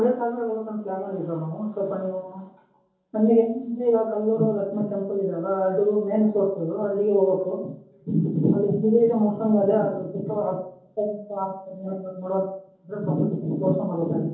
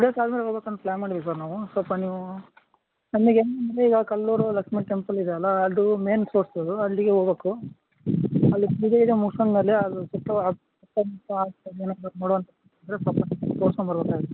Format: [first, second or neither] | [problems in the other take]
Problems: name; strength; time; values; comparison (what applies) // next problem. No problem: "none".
second | room echo; dies away in 0.6 s